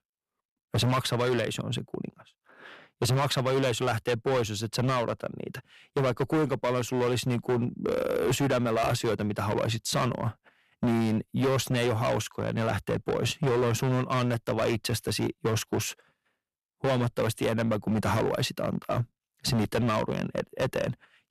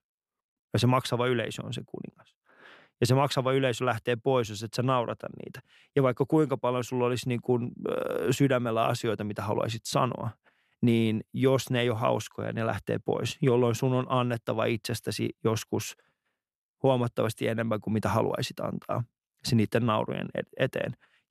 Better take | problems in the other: second | distortion; heavy; 13% of the sound clipped

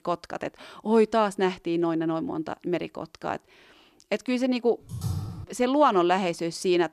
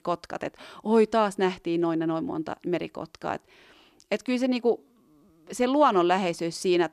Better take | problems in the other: second | keyboard typing; noticeable; at 5 s; peak 6 dB below the speech

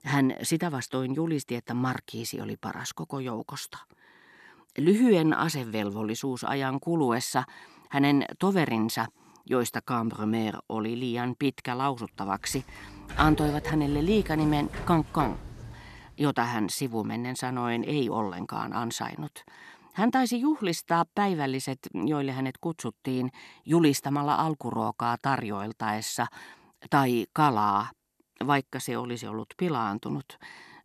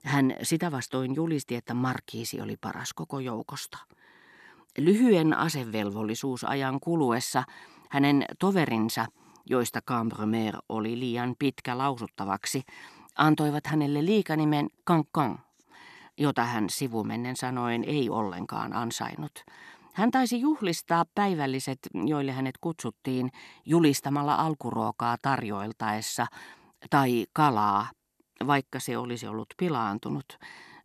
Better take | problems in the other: second | door banging; noticeable; from 13 to 16 s; peak 6 dB below the speech

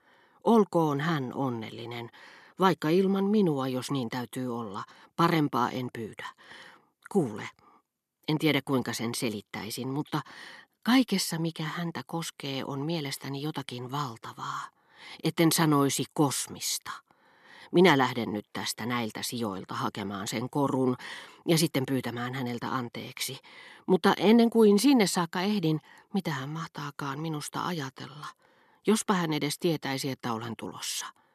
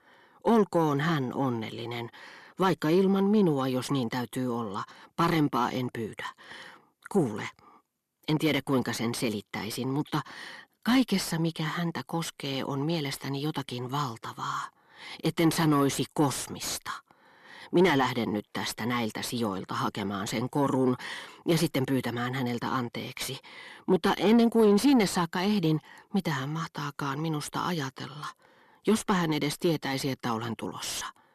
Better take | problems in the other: first | distortion; slight; 10 dB below the speech

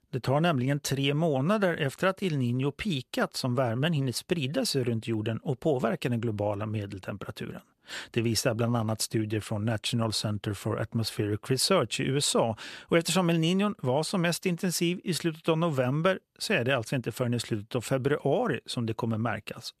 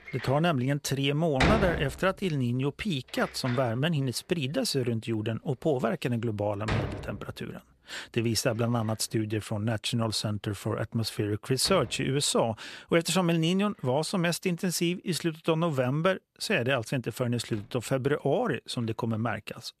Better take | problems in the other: first | household noises; loud; throughout; 6 dB below the speech

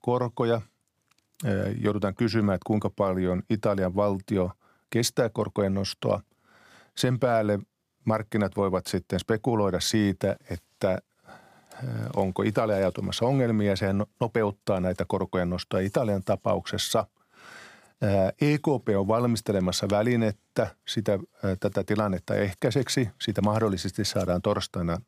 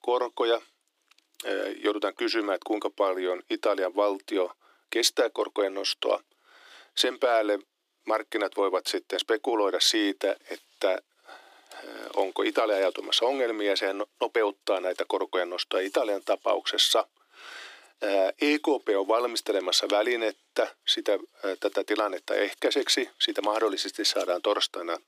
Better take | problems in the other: first | thin; somewhat; fading below 300 Hz

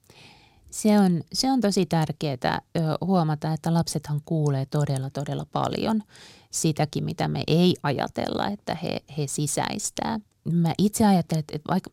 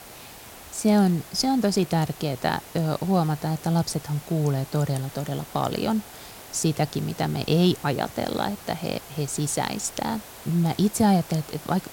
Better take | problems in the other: first | hiss; noticeable; throughout; 15 dB below the speech

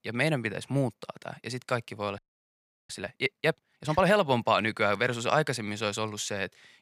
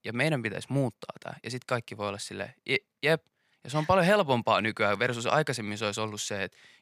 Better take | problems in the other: second | audio freezing; at 2 s for 0.5 s

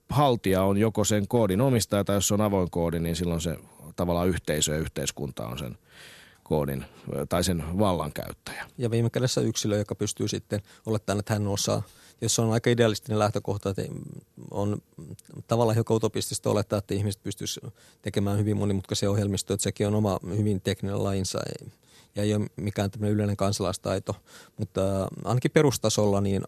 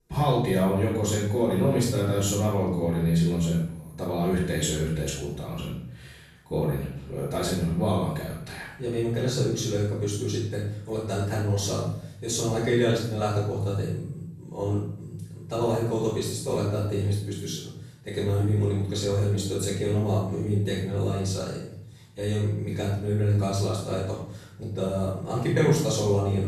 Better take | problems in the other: first | off-mic speech; far // room echo; noticeable; dies away in 0.7 s

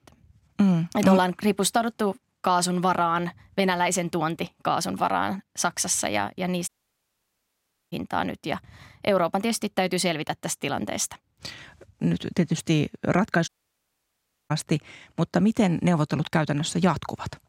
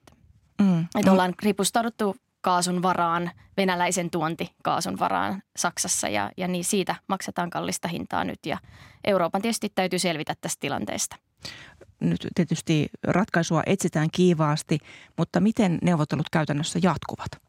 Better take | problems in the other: second | audio cutting out; at 6.5 s for 1 s and at 13 s for 1 s

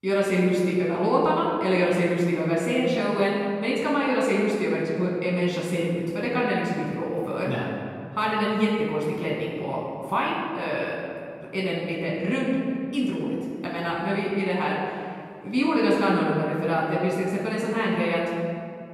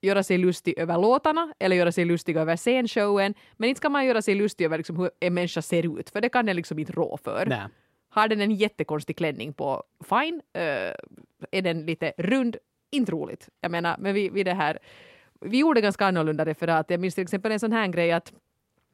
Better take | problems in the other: second | off-mic speech; far // room echo; noticeable; dies away in 2 s

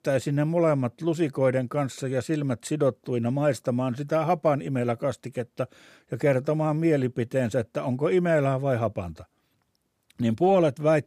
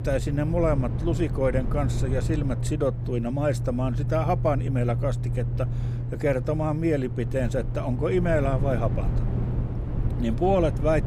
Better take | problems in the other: first | low rumble; noticeable; throughout; 10 dB below the speech

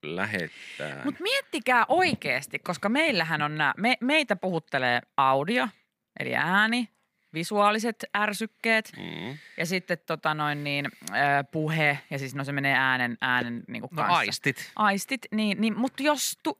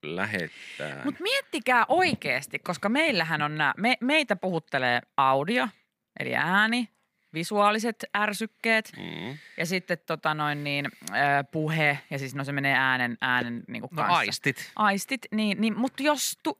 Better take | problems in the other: neither | none

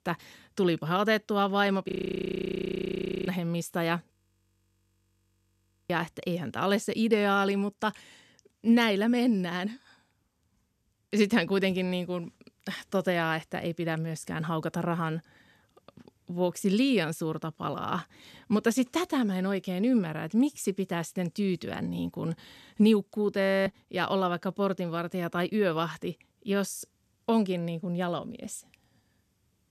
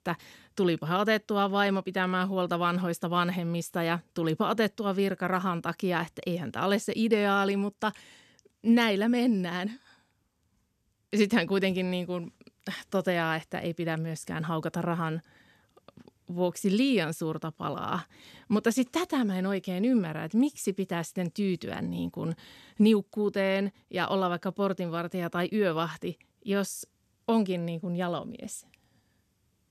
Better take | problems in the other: second | audio freezing; at 2 s for 1.5 s, at 4 s for 2 s and at 23 s

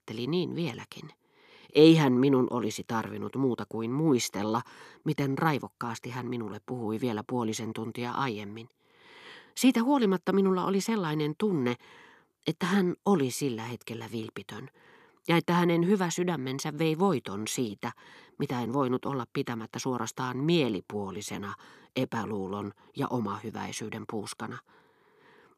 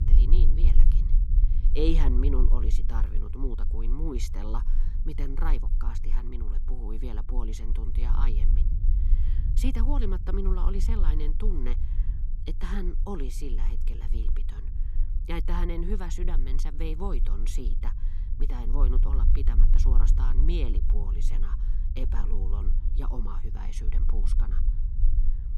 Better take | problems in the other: first | low rumble; loud; throughout; 9 dB below the speech

